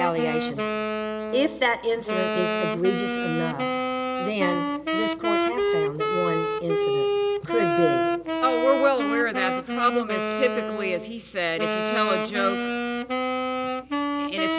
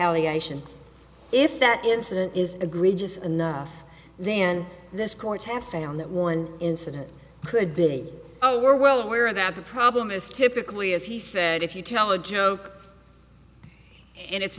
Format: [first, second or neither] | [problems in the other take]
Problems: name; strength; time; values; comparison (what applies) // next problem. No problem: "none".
second | background sound (Wind instrument, woodwind instrument); 1 dB above the speech